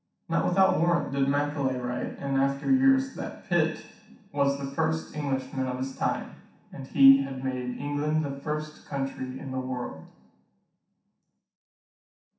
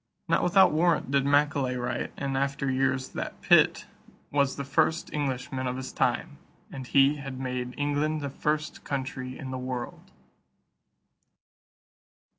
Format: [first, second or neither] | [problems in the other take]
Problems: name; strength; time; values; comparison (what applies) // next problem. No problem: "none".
second | room echo; dies away in 0.7 s